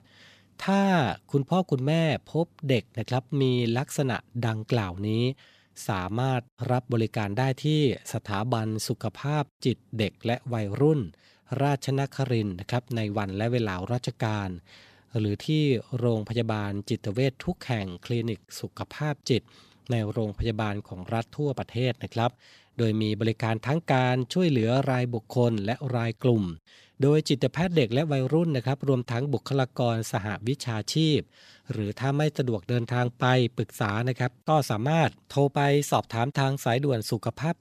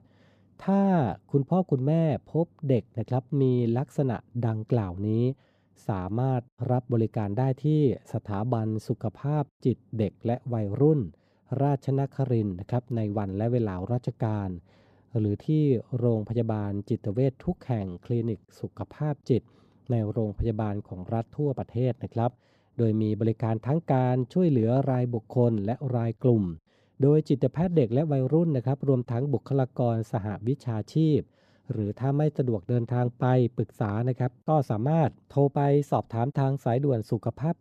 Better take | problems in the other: first | muffled; very; fading above 1.5 kHz

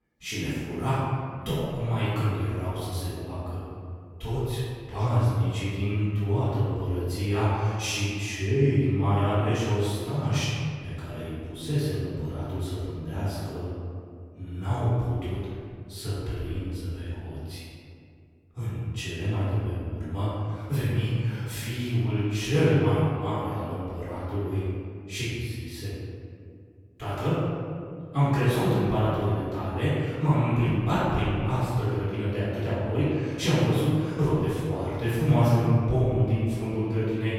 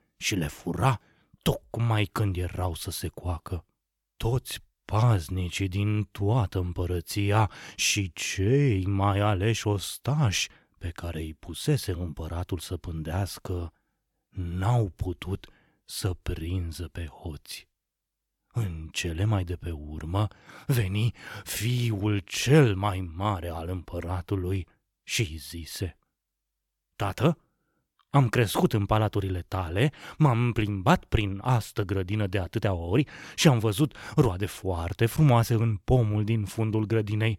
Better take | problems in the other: second | off-mic speech; far // room echo; strong; dies away in 2 s

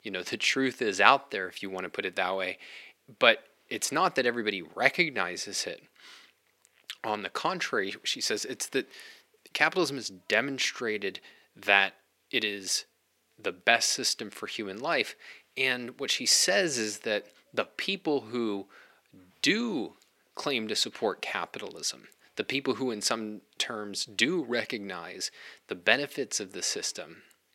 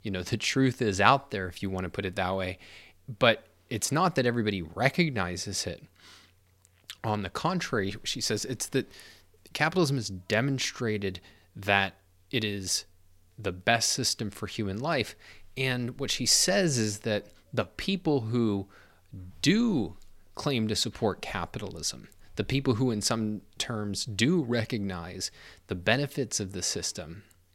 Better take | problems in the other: second | thin; somewhat; fading below 350 Hz

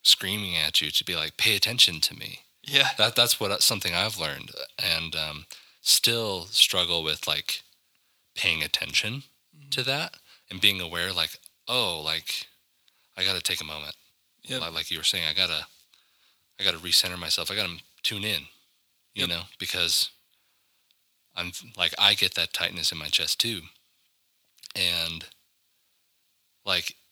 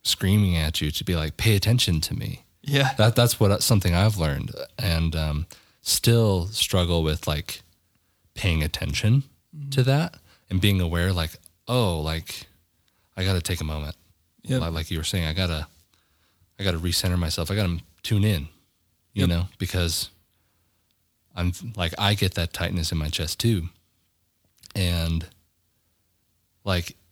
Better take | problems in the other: second | thin; somewhat; fading below 1 kHz

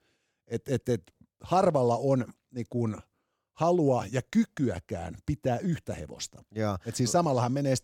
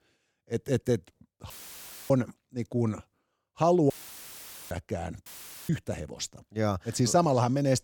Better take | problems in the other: first | audio cutting out; filled with static; at 1.5 s for 0.5 s, at 4 s for 1 s and at 5.5 s

